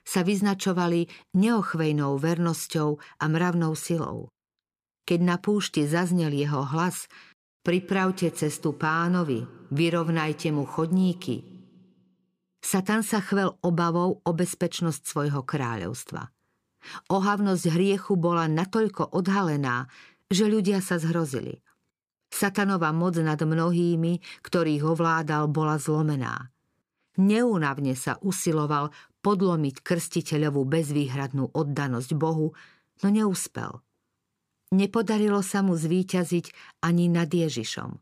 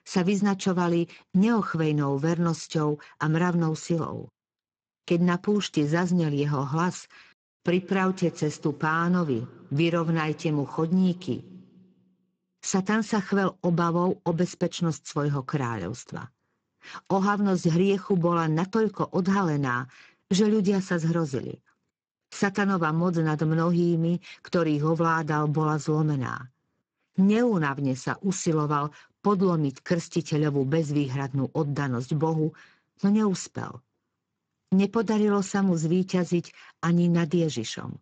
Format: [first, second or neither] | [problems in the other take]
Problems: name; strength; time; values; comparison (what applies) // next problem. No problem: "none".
first | garbled, watery; badly; nothing above 7.5 kHz